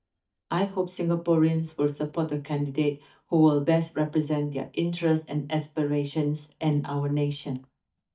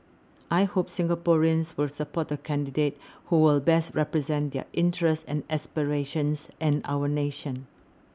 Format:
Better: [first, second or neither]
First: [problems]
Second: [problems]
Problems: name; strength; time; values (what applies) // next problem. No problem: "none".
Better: second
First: noise reduction (neural mask model DeepFilterNet 3)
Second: none